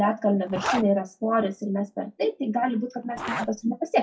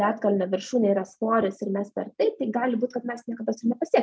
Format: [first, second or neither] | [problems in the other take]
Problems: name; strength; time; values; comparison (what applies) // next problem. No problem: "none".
second | noise reduction (classical method WPE with log-MMSE)